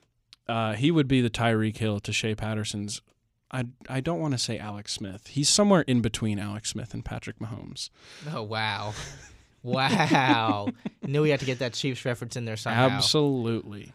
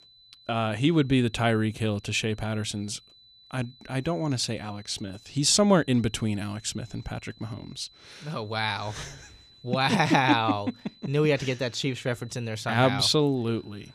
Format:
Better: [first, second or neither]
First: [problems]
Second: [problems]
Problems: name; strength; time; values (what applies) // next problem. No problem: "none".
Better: first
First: none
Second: high-pitched whine; faint; throughout; 4 kHz, 25 dB below the speech